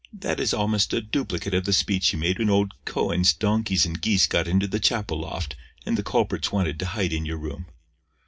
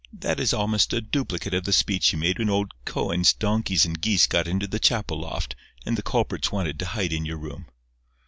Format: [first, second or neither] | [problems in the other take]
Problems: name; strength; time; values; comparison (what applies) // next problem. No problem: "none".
second | room echo; dies away in 0.3 s